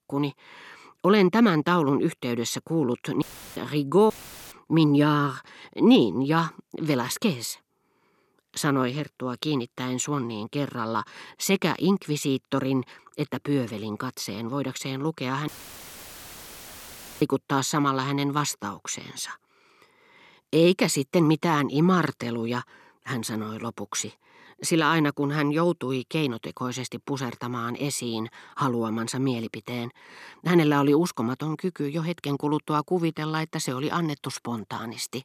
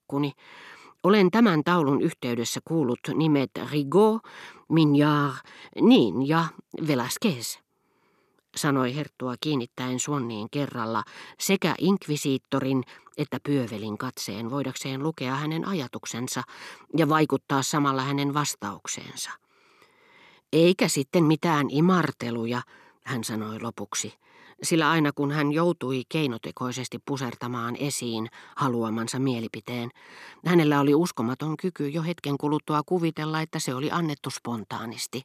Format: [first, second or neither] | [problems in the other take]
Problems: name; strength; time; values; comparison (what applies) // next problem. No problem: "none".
second | audio cutting out; filled with static; at 3 s, at 4 s and at 15 s for 1.5 s